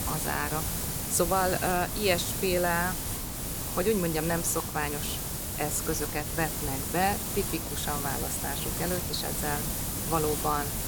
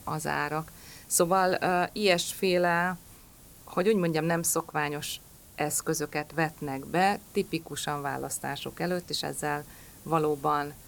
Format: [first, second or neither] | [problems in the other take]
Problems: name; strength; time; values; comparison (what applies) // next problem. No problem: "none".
second | hiss; loud; throughout; 1 dB below the speech; faint in the second